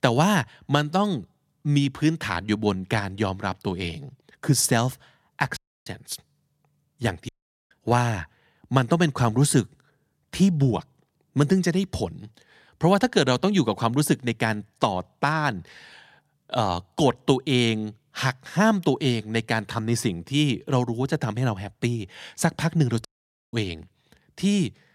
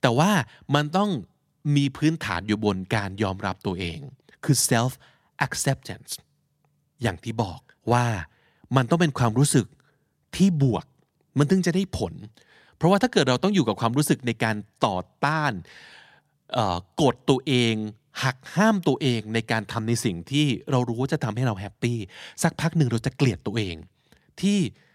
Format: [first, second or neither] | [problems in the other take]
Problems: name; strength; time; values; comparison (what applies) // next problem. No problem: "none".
second | audio cutting out; at 5.5 s, at 7.5 s and at 23 s